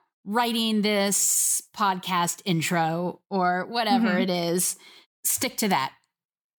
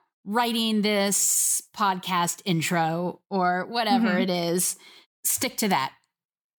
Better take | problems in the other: neither | none

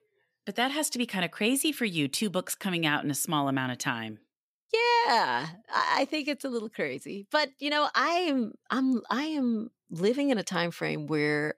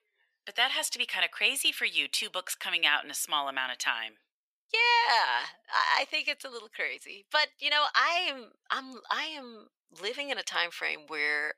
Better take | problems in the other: first | thin; very; fading below 800 Hz

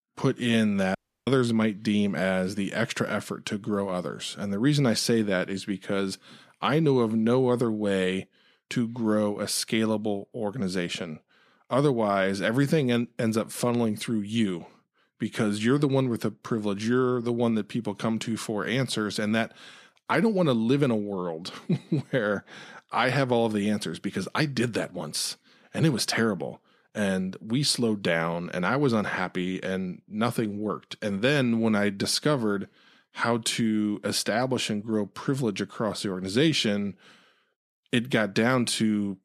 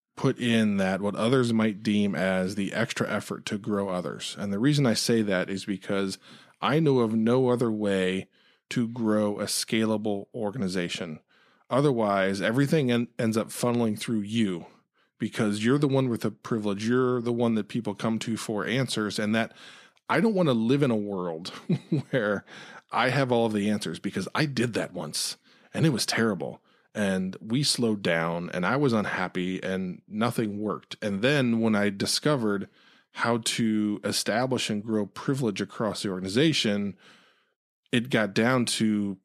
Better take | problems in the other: second | audio cutting out; at 1 s

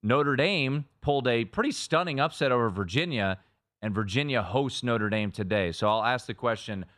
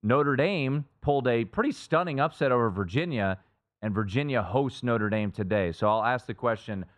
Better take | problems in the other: first | muffled; slightly; fading above 2.5 kHz

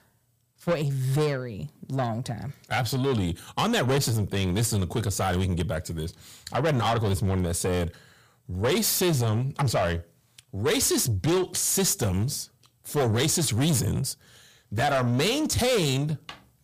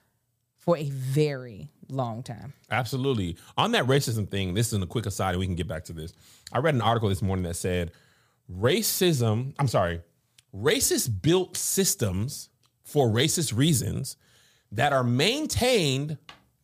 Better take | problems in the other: second | distortion; heavy; 8 dB below the speech

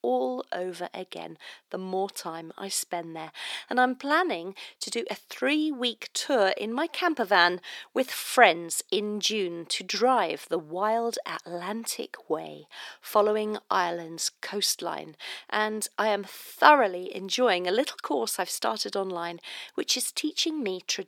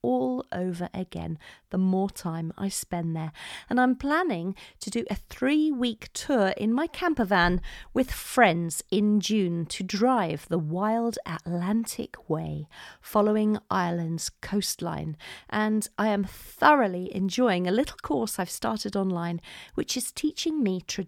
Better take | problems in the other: second | thin; somewhat; fading below 350 Hz

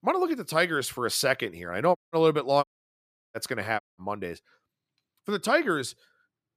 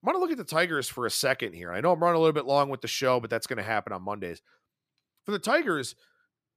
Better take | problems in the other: second | audio cutting out; at 2 s, at 2.5 s for 0.5 s and at 4 s

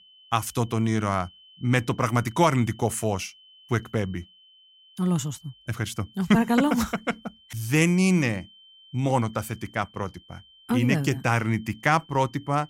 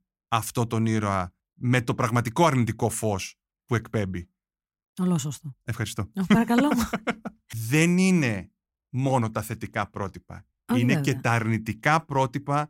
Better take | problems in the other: second | high-pitched whine; faint; throughout; 3 kHz, 25 dB below the speech

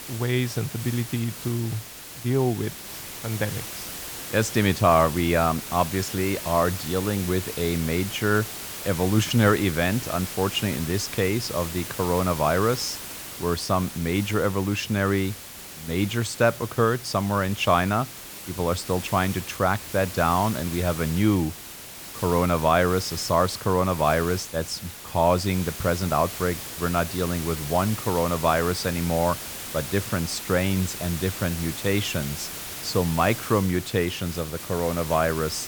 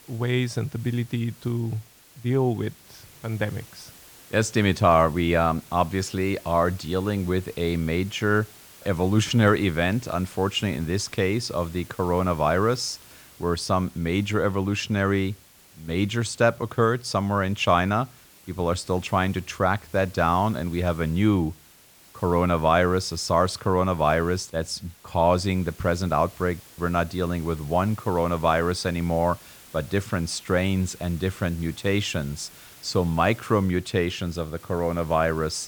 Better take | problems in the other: second | hiss; loud; throughout; 9 dB below the speech; faint in the second

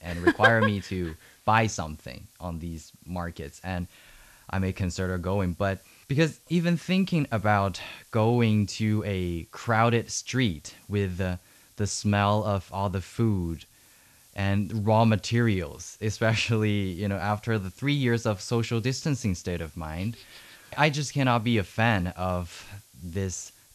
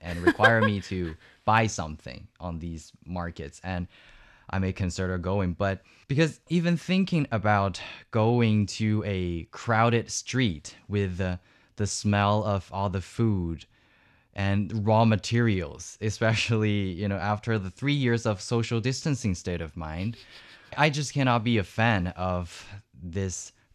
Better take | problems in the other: second | hiss; faint; throughout; 30 dB below the speech

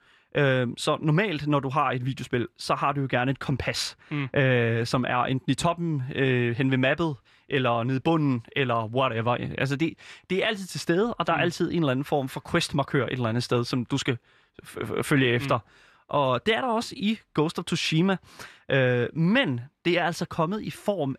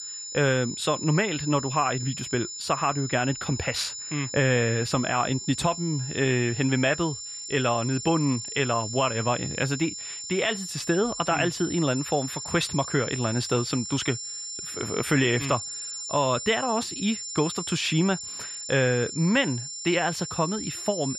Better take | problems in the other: first | high-pitched whine; loud; throughout; 7 kHz, 7 dB below the speech

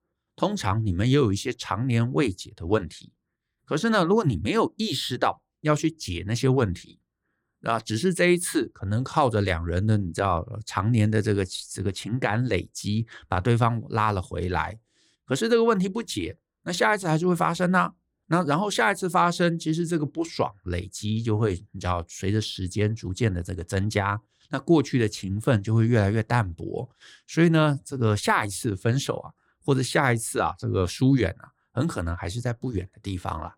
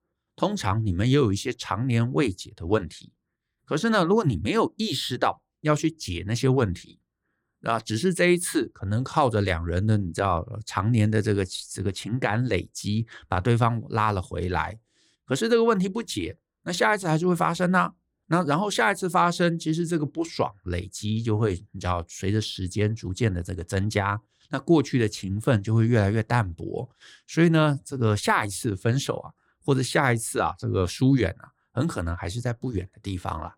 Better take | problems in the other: neither | none

